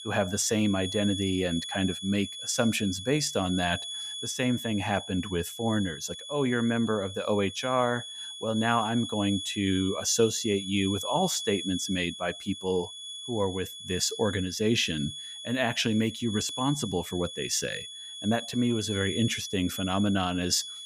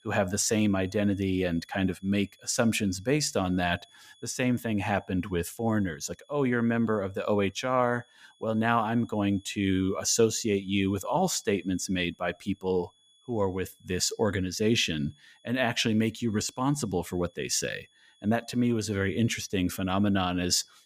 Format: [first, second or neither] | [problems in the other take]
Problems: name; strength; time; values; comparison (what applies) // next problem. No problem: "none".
second | high-pitched whine; loud; throughout; 3.5 kHz, 8 dB below the speech; faint in the second